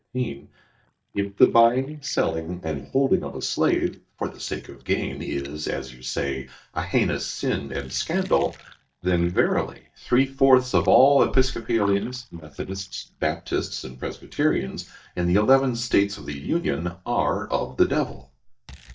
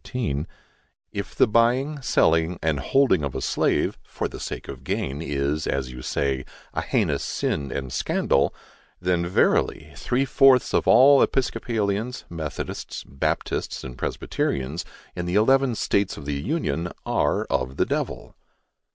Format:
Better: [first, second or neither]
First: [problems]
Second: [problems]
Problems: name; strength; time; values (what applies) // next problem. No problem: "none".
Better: second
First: noise reduction (neural mask model DeepFilterNet 3)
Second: none